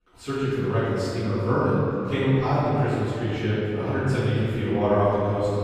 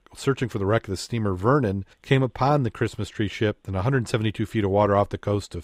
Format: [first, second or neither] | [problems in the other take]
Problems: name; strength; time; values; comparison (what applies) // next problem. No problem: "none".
second | room echo; strong; dies away in 2.5 s // off-mic speech; far